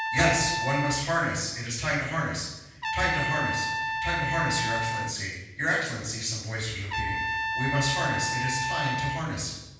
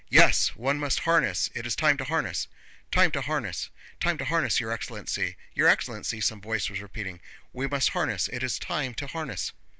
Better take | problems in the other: second | background sound (Trumpet); 3 dB below the speech // room echo; dies away in 1.2 s

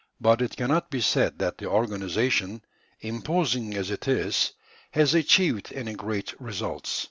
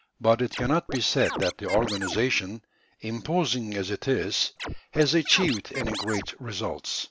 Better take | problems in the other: first | background sound (Scratching (performance technique)); 7 dB below the speech

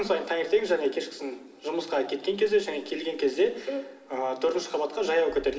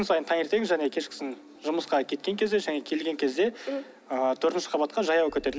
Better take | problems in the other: second | room echo; dies away in 2.1 s

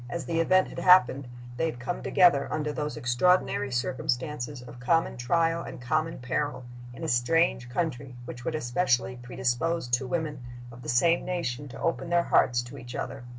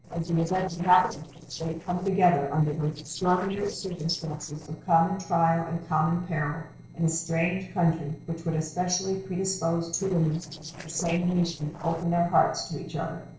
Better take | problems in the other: first | noise reduction (neural separator model SepFormer DNS4)

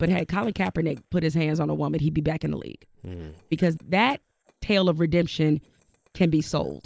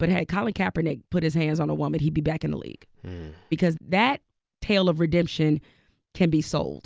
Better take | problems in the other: second | noise reduction (neural separator model SepFormer DNS4)

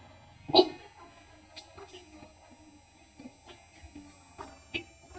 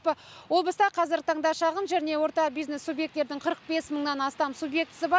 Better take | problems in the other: second | noise reduction (neural mask model DeepFilterNet 3)

